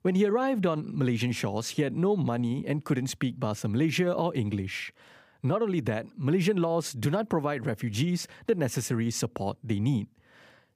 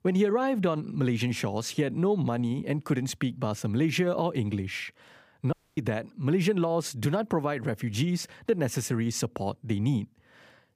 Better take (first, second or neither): first